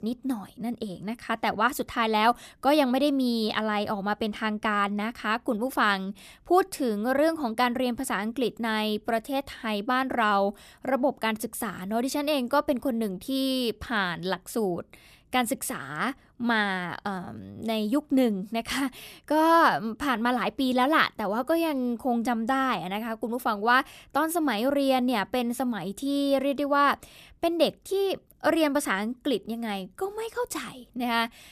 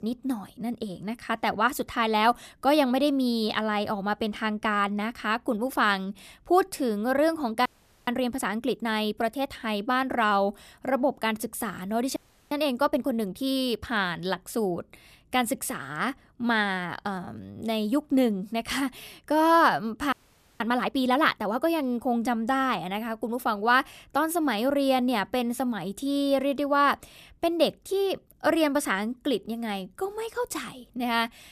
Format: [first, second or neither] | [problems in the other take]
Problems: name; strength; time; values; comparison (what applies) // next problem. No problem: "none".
first | audio freezing; at 7.5 s, at 12 s and at 20 s